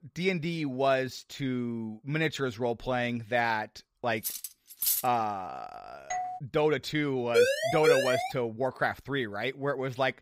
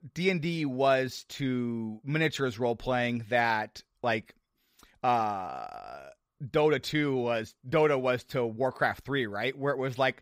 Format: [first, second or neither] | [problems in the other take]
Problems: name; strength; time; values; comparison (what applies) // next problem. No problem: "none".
second | clattering dishes; loud; at 4 s; peak 3 dB above the speech // doorbell; noticeable; at 6 s; peak 4 dB below the speech // siren; loud; at 7.5 s; peak 6 dB above the speech